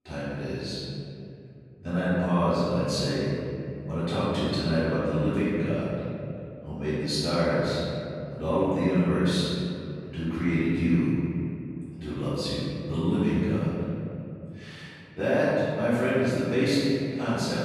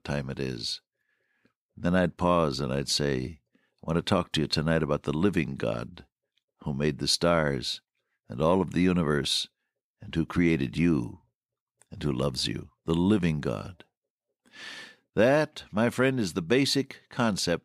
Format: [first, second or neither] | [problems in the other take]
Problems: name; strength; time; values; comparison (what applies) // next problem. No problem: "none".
second | off-mic speech; far // room echo; strong; dies away in 2.8 s